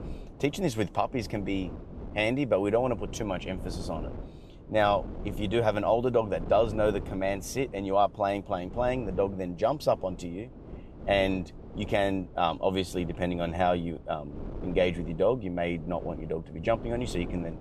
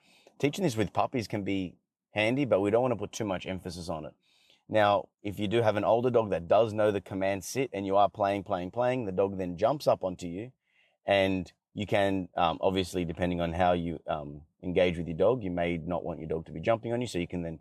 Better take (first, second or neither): second